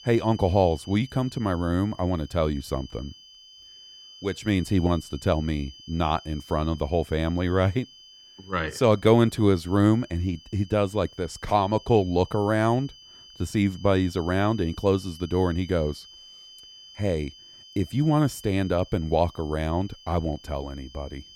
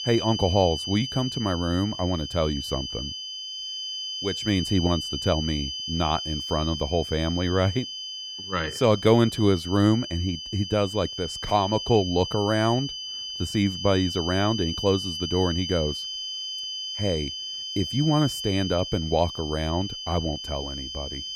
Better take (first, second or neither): first